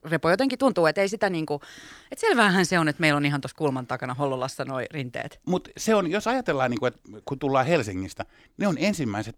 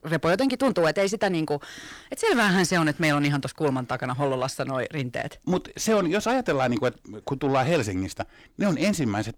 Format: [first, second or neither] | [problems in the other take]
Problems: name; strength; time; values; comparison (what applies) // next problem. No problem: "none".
first | distortion; slight; 10 dB below the speech